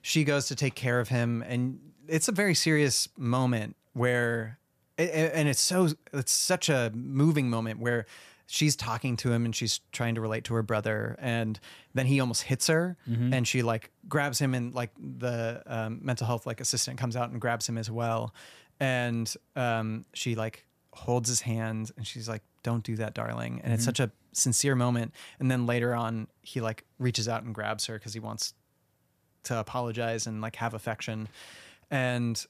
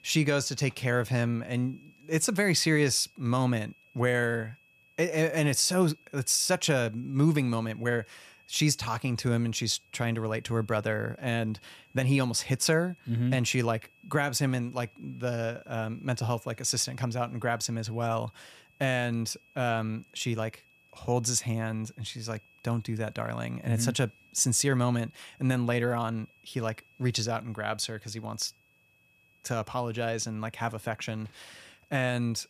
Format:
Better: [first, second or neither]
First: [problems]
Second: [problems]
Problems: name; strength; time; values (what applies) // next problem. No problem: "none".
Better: first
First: none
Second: high-pitched whine; faint; throughout; 2.5 kHz, 30 dB below the speech